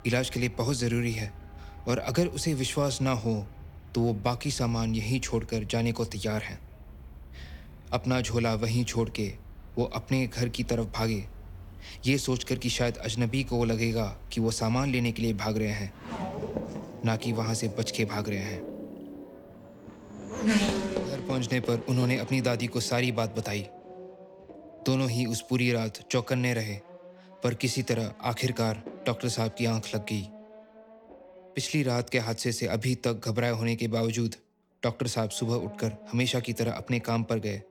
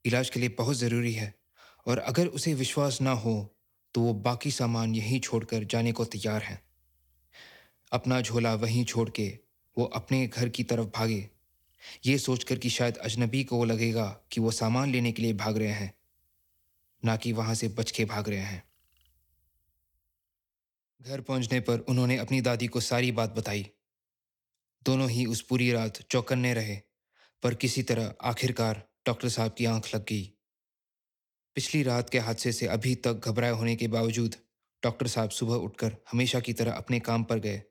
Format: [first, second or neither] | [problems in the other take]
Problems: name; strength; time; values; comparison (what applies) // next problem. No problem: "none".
second | traffic noise; noticeable; throughout; 10 dB below the speech